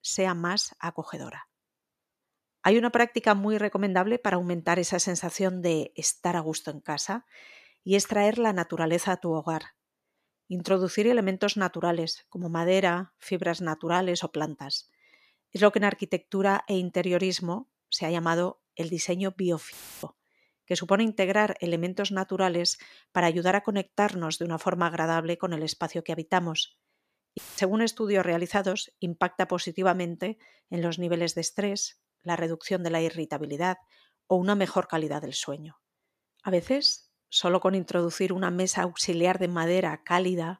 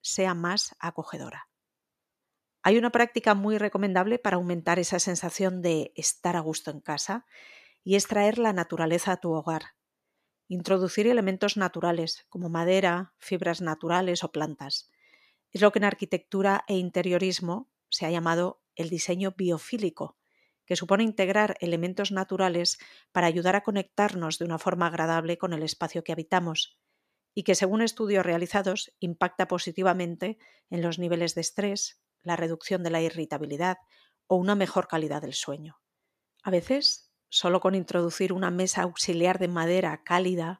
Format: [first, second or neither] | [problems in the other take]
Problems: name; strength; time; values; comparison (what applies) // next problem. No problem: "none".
second | audio cutting out; filled with static; at 20 s and at 27 s